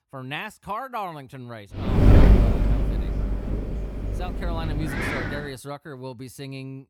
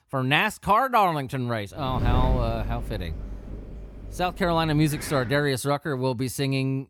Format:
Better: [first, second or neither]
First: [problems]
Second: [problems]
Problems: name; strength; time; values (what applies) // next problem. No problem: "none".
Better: second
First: wind noise on the microphone; heavy; from 2 to 5.5 s; 4 dB above the speech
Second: wind noise on the microphone; occasional gusts; from 2 to 5.5 s; 15 dB below the speech